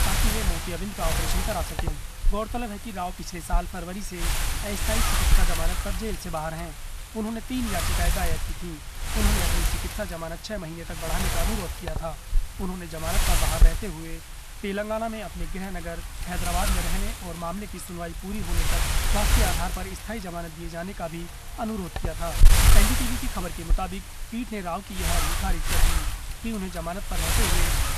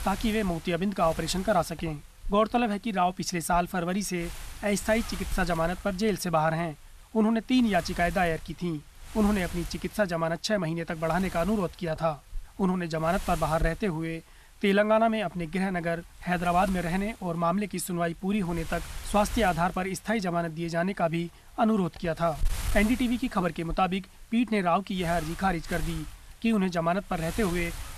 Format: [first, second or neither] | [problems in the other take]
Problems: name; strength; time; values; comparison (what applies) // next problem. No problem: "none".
second | wind noise on the microphone; heavy; 4 dB above the speech; occasional gusts in the second